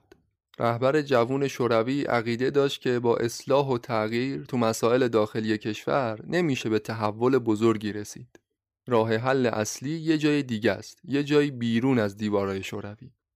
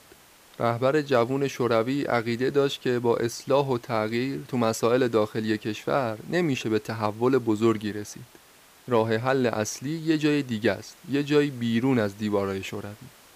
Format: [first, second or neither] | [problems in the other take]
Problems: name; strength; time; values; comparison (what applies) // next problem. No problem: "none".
first | hiss; faint; throughout; 25 dB below the speech